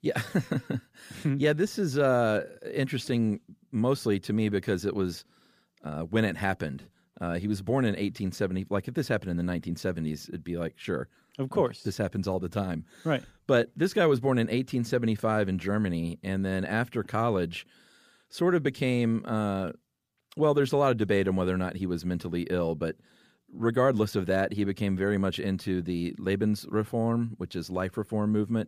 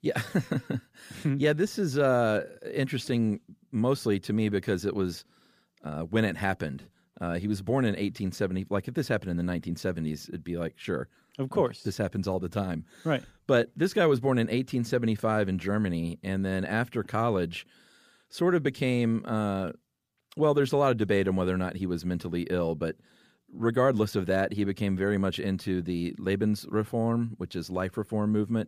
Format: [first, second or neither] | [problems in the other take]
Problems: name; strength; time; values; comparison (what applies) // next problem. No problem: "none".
neither | none